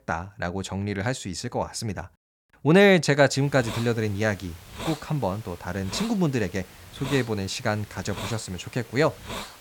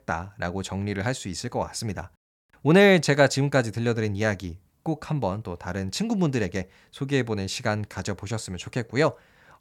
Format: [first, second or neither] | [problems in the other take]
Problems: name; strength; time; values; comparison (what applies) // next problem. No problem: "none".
second | hiss; noticeable; from 3.5 s on; 15 dB below the speech